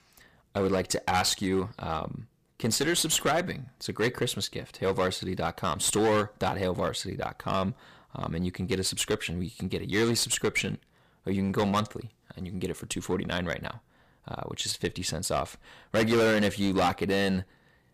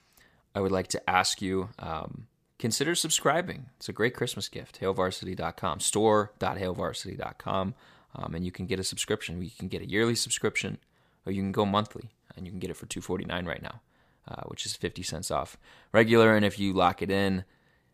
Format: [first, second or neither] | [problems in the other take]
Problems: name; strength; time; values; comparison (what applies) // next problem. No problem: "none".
second | distortion; heavy; 8% of the sound clipped